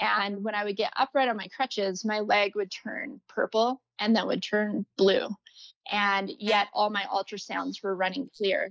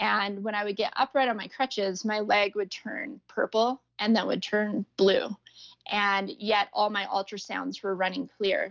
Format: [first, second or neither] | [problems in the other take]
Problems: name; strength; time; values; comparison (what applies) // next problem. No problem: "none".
second | noise reduction (neural mask model Resemble Enhance denoiser)